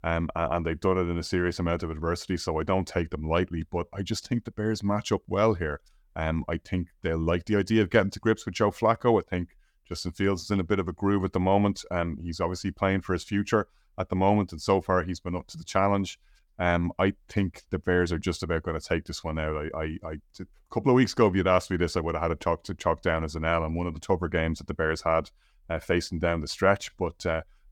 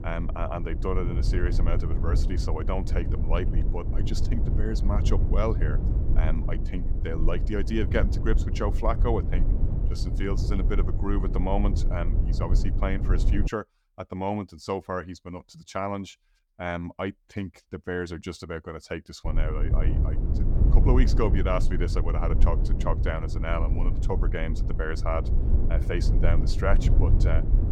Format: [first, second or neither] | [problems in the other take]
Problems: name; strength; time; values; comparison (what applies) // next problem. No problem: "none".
first | low rumble; loud; until 13 s and from 19 s on; 8 dB below the speech